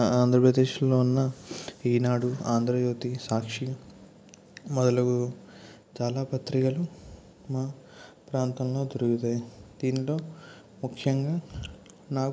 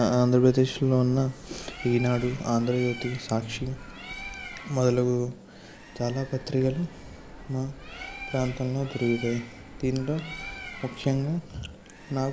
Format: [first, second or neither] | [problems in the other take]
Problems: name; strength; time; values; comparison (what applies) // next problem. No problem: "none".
first | background sound (Bird); 15 dB below the speech